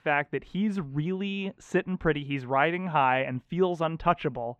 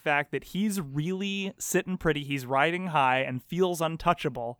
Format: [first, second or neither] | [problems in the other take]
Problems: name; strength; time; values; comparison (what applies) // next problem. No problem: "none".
second | muffled; very; fading above 2.5 kHz